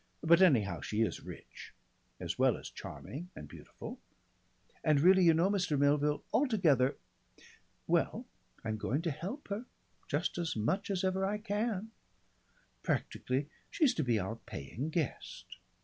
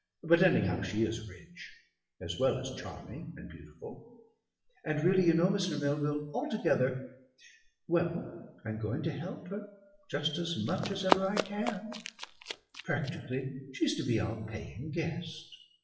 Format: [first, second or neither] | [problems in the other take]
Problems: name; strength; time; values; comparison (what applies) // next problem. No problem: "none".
first | noise reduction (classical method WPE with log-MMSE)